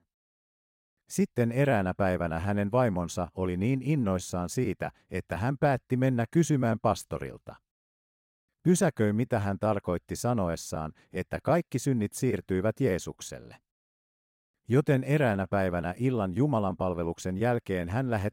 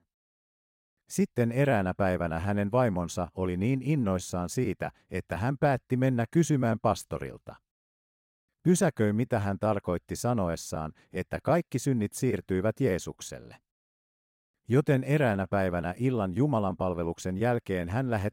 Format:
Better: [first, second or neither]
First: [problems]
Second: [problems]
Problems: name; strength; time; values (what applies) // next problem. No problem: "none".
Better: neither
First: none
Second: none